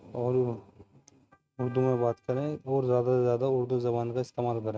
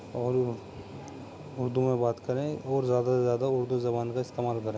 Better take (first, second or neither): second